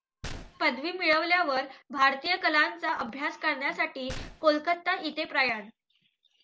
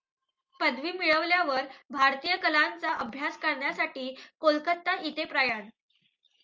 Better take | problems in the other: second | background sound (Gunshot, gunfire); 18 dB below the speech

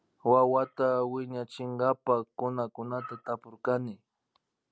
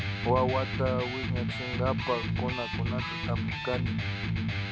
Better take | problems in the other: first | background sound (Electric guitar); 3 dB above the speech

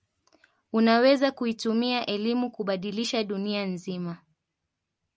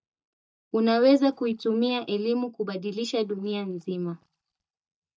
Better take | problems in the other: first | noise reduction (neural mask model DeepFilterNet 3)

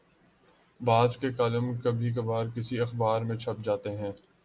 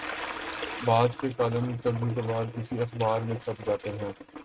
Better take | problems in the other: first | noise reduction (neural mask model RNNoise)

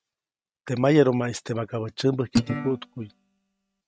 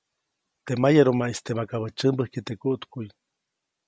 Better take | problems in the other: second | noise reduction (neural mask model RNNoise)

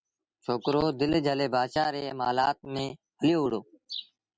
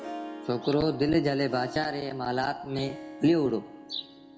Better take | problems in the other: first | background sound (Harp); 14 dB below the speech // room echo; dies away in 0.9 s

